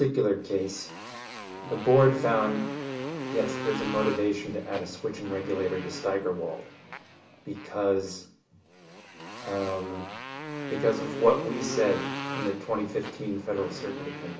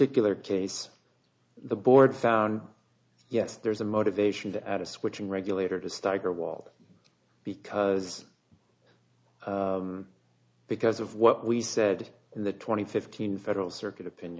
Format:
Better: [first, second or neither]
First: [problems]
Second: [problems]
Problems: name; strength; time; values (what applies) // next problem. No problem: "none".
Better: second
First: background sound (Motorcycle); 8 dB below the speech // room echo; dies away in 0.3 s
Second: none